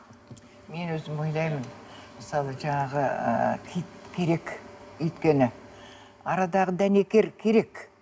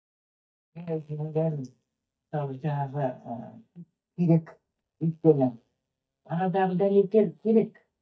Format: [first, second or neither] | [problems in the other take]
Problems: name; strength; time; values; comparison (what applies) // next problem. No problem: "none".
first | noise reduction (neural mask model DeepFilterNet 3)